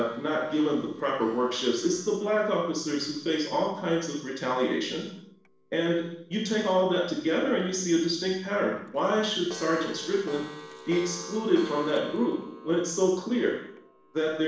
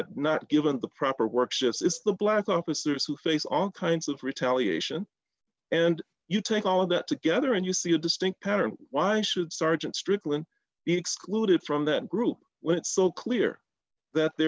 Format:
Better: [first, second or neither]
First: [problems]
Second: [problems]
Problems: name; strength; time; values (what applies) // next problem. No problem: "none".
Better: second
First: noise reduction (neural separator model SepFormer DNS4)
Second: none